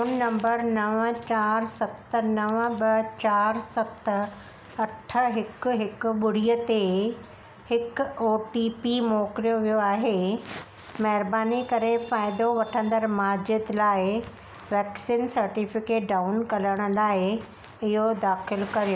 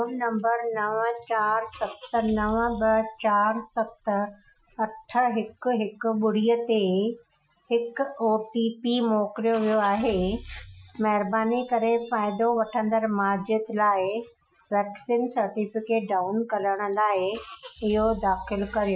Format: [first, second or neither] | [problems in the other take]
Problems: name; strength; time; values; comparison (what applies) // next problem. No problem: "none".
first | noise reduction (classical method Wiener filter)